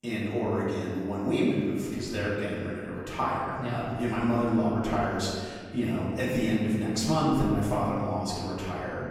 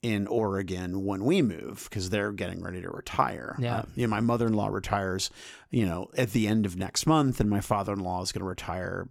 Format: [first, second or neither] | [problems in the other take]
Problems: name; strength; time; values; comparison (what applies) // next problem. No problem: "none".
second | off-mic speech; far // room echo; strong; dies away in 1.8 s